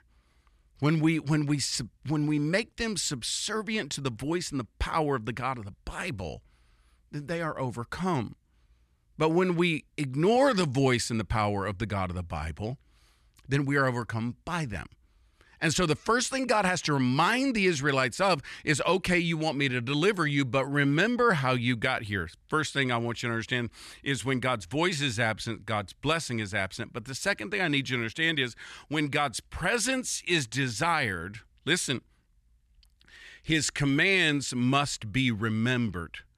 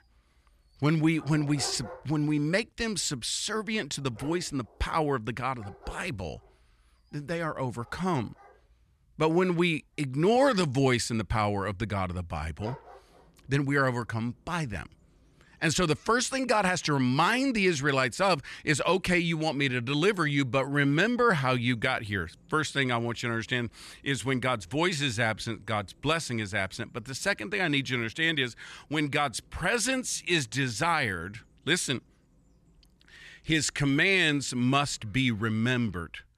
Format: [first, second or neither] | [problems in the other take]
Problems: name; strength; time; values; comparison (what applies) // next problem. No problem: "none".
first | animal sounds; faint; throughout; 25 dB below the speech